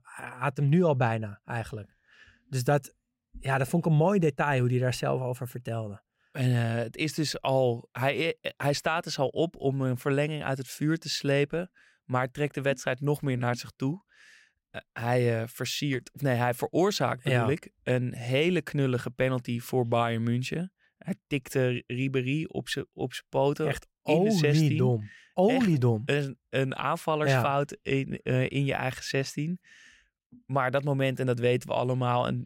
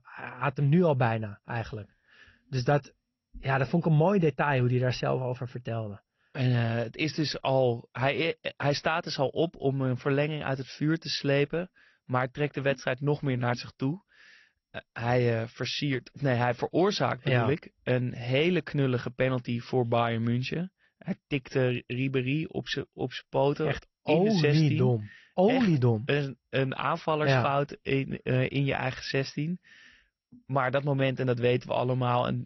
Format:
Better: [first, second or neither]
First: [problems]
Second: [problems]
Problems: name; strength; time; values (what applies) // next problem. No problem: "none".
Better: first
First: none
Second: garbled, watery; slightly; nothing above 6 kHz